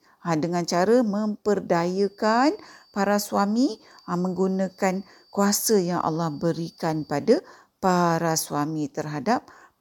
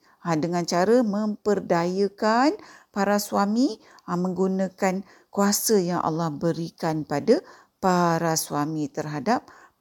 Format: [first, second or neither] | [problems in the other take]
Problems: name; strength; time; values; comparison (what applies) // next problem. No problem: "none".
second | high-pitched whine; faint; from 2 to 7 s; 4.5 kHz, 30 dB below the speech